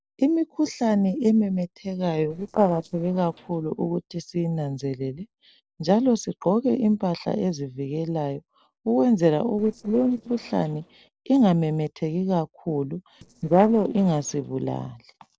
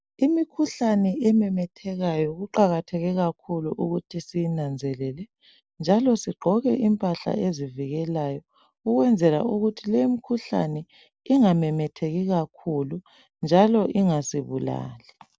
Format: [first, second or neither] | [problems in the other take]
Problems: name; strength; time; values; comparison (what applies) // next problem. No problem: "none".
second | noise reduction (neural separator model SepFormer DNS4)